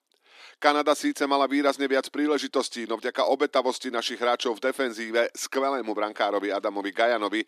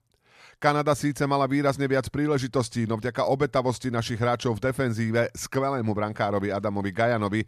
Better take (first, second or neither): second